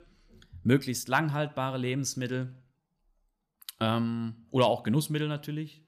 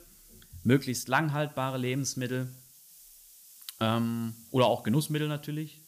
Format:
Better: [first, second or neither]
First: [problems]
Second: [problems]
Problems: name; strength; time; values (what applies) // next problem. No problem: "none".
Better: first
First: none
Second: hiss; faint; throughout; 20 dB below the speech